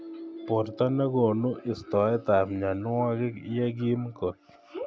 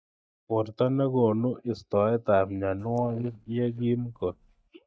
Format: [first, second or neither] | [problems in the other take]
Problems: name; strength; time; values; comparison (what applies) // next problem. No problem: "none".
first | noise reduction (neural mask model DeepFilterNet 3)